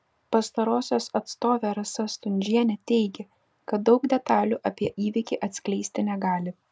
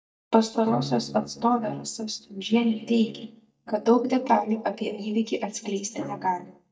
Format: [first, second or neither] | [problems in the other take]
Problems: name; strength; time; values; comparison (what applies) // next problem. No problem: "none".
first | noise reduction (neural mask model DeepFilterNet 3)